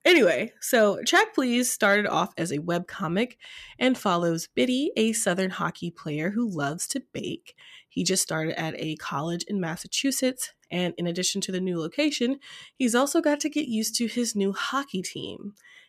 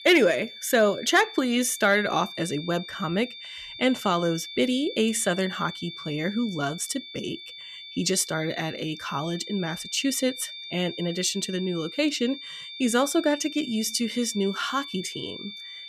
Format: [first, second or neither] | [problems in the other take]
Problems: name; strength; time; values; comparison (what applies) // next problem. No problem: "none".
first | high-pitched whine; noticeable; throughout; 3.5 kHz, 10 dB below the speech